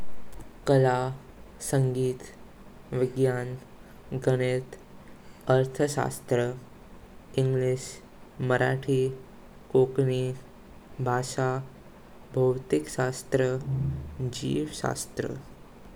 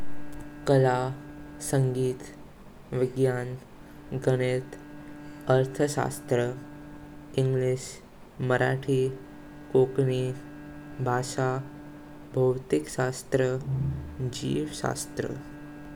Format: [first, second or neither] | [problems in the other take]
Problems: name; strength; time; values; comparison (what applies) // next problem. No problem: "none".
first | background sound (Bowed string instrument); 18 dB below the speech